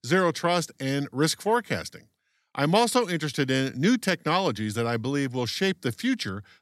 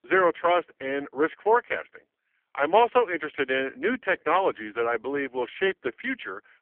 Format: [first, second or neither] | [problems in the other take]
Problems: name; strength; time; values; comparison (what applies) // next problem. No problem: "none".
first | phone-call audio; poor line; nothing above 3 kHz